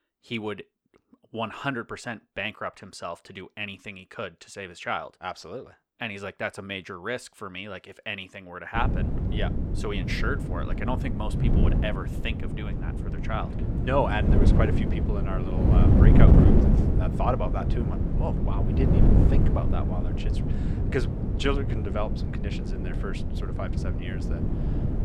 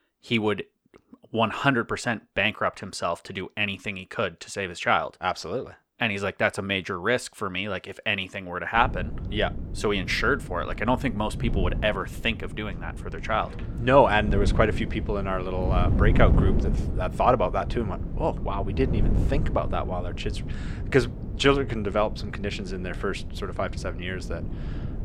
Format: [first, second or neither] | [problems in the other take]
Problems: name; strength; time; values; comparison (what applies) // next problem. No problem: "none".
second | wind noise on the microphone; heavy; from 9 s on; 2 dB below the speech; occasional gusts in the second